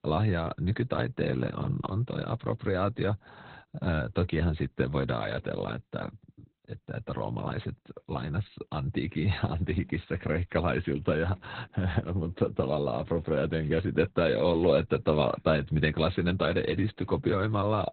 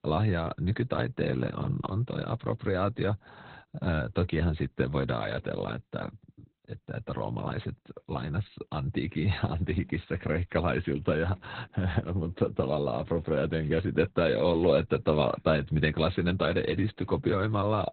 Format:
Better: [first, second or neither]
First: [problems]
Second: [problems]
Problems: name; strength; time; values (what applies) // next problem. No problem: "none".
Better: neither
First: garbled, watery; badly; nothing above 4 kHz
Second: garbled, watery; badly; nothing above 4 kHz